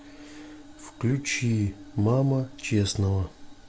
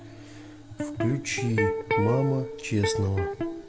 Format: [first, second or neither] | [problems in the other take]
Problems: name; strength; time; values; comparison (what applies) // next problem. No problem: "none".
first | background sound (Electric guitar); 2 dB below the speech